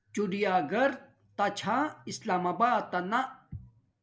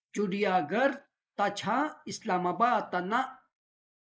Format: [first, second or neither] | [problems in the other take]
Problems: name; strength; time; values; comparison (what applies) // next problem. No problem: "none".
first | noise reduction (neural mask model Resemble Enhance denoiser)